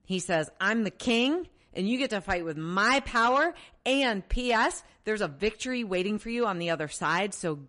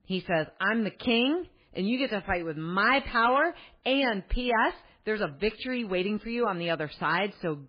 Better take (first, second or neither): first